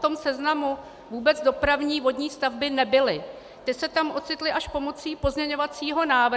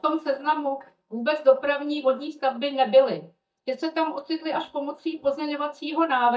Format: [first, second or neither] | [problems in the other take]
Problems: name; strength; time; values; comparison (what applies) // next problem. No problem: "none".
first | noise reduction (neural mask model DeepFilterNet 3)